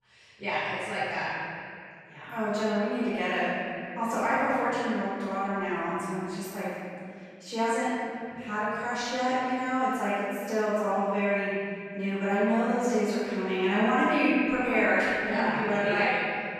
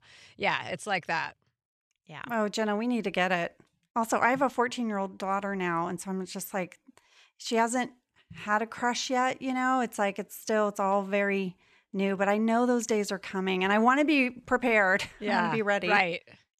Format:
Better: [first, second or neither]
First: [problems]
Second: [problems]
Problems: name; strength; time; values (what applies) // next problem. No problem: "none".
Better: second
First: off-mic speech; far // room echo; strong; dies away in 2.4 s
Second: none